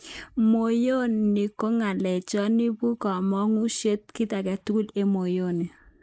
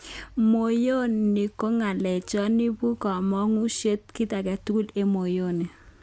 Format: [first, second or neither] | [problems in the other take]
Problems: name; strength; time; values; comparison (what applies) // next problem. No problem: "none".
second | noise reduction (neural mask model Resemble Enhance denoiser)